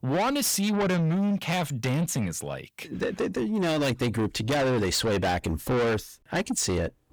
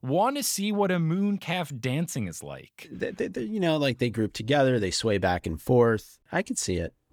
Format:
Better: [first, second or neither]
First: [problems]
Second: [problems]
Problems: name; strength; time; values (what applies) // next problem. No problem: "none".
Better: second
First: distortion; heavy; 6 dB below the speech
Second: none